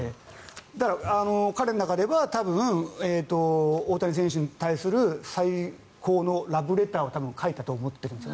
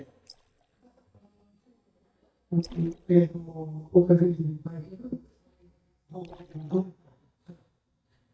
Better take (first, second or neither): first